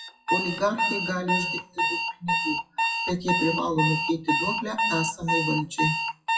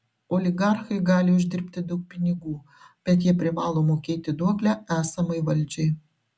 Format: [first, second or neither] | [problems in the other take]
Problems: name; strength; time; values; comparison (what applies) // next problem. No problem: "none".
second | noise reduction (classical method WPE with log-MMSE)